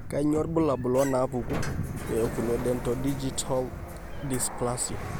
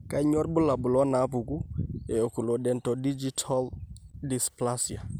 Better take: second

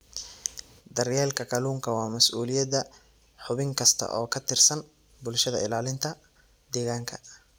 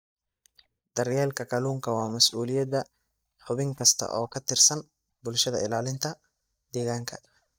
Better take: first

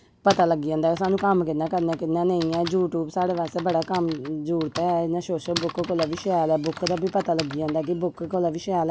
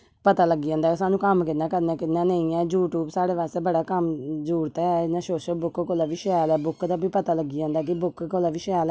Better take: second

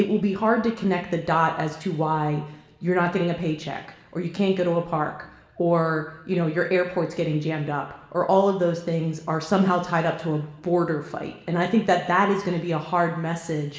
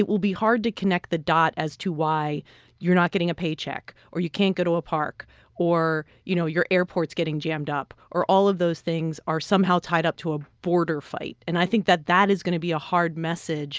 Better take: second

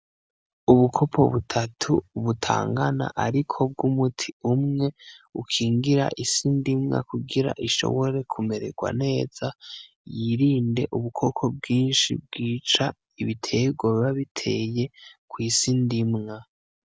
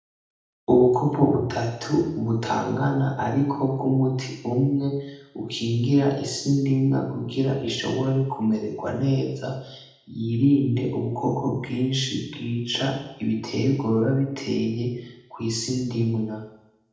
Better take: first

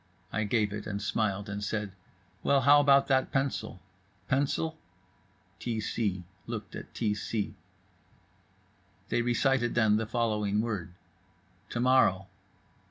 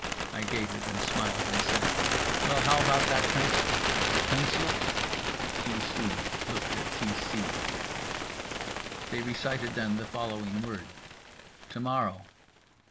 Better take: first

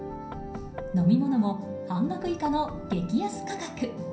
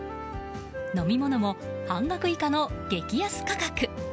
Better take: second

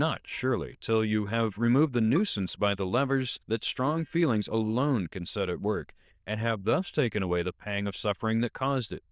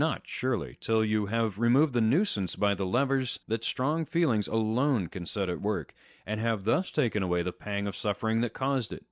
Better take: second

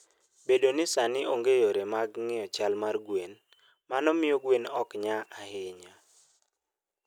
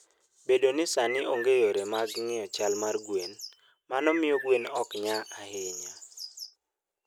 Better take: first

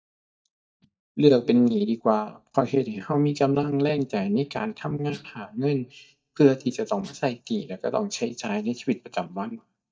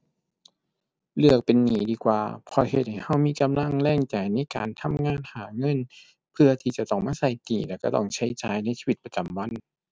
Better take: second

